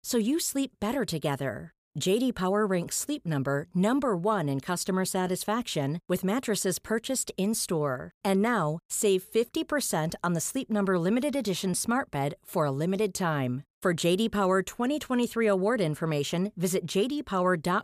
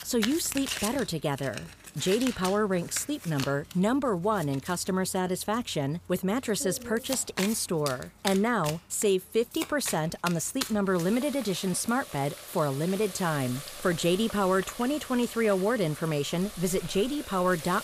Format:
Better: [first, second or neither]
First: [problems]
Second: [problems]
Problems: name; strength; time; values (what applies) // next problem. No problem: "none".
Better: first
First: none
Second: household noises; noticeable; throughout; 10 dB below the speech